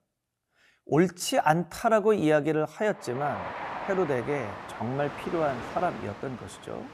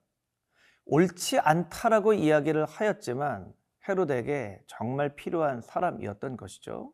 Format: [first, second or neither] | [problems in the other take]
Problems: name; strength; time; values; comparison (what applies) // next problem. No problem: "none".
second | train or aircraft noise; noticeable; from 3.5 s on; 10 dB below the speech